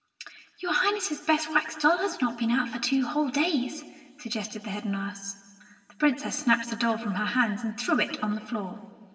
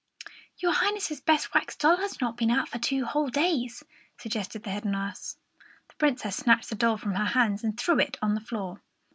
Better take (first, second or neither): second